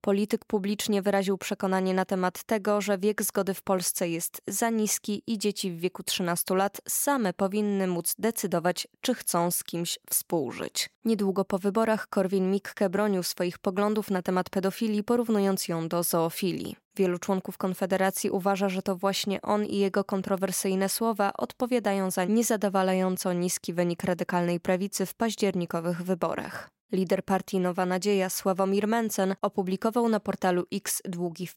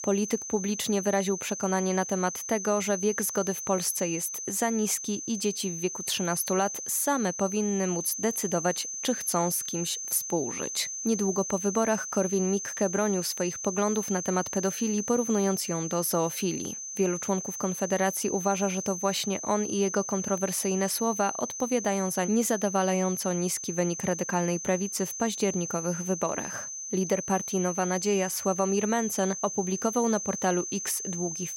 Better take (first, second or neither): first